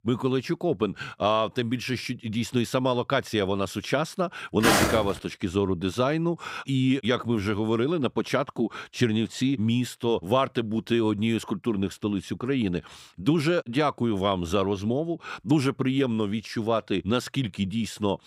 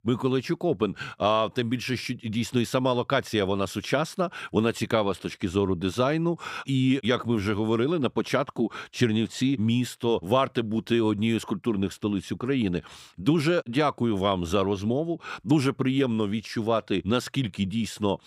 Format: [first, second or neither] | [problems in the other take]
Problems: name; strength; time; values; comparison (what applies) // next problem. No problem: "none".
second | footsteps; loud; at 4.5 s; peak 5 dB above the speech